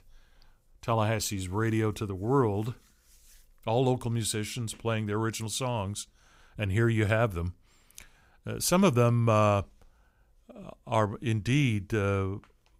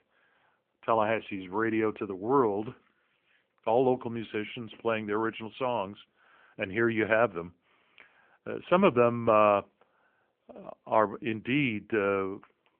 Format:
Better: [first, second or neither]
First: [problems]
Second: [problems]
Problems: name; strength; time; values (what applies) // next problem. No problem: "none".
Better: first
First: none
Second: phone-call audio